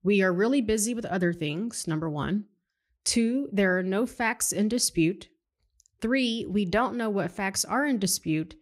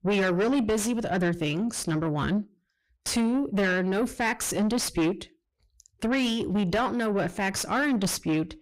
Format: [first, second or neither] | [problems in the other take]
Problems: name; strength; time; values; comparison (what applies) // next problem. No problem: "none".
first | distortion; heavy; 7 dB below the speech